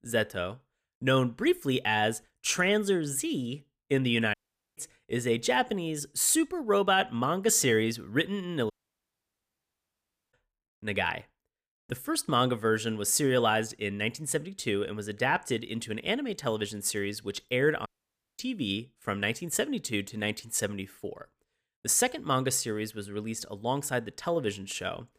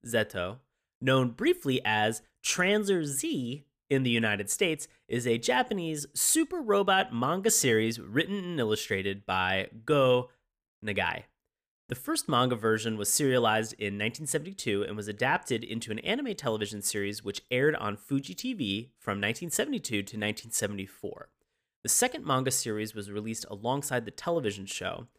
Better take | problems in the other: second | audio cutting out; at 4.5 s, at 8.5 s for 1.5 s and at 18 s for 0.5 s

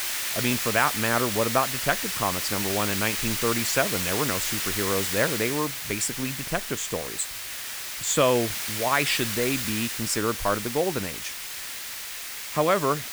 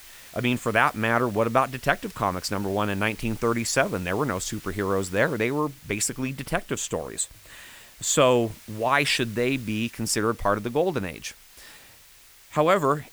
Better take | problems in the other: second | hiss; loud; throughout; 2 dB below the speech; faint in the second

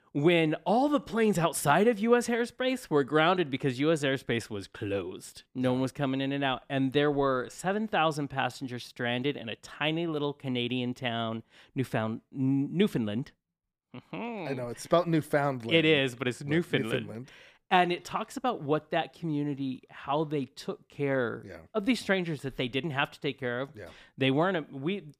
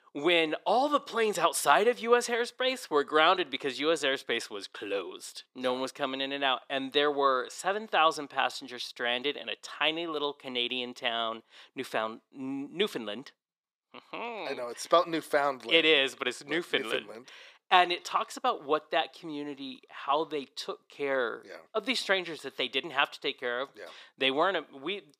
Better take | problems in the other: first | thin; somewhat; fading below 450 Hz

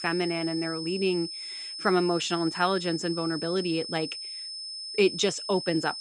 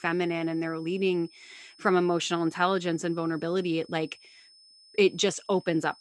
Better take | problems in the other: second | high-pitched whine; loud; throughout; 5 kHz, 7 dB below the speech; faint in the second

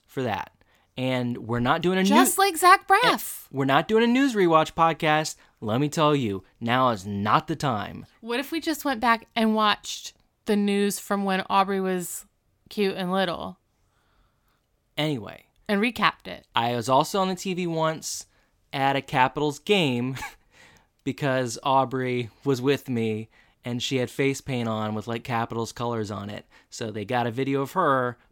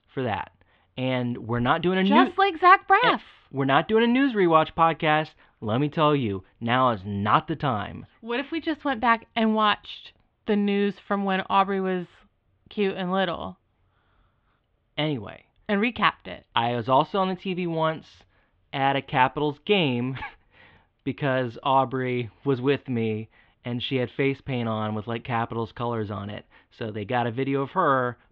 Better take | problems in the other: first | muffled; very; fading above 3.5 kHz

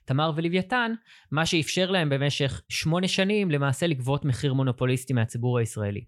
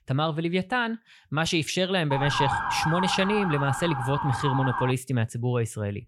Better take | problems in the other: first | siren; loud; from 2 to 5 s; peak level with the speech

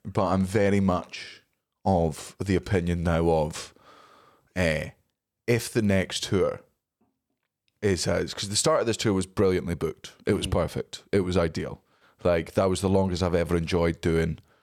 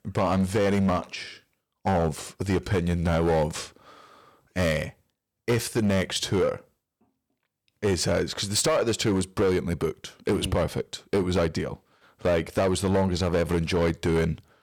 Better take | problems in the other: first | distortion; slight; 8% of the sound clipped

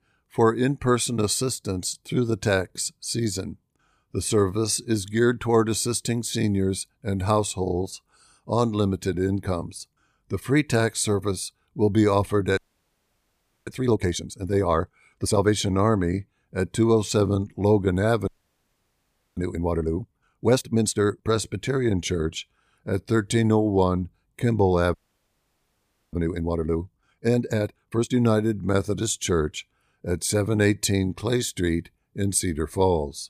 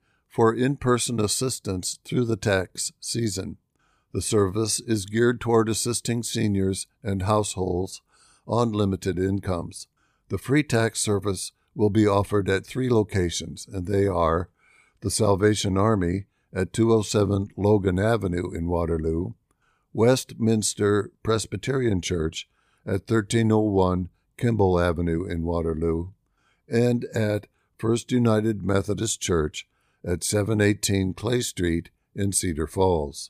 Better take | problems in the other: second | audio freezing; at 13 s for 1 s, at 18 s for 1 s and at 25 s for 1 s

